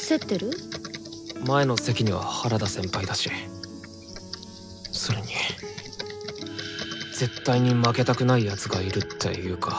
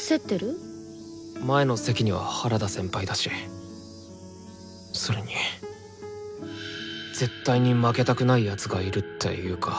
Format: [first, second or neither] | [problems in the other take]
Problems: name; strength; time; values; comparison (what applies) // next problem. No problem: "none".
second | background sound (Computer keyboard); 13 dB below the speech